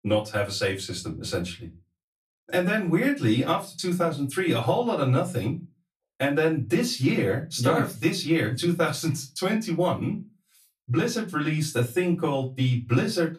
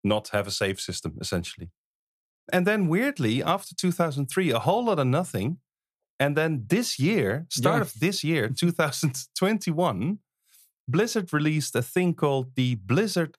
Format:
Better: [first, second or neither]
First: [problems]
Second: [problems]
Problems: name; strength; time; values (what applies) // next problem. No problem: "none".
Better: second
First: off-mic speech; far // room echo; very slight; dies away in 0.2 s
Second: none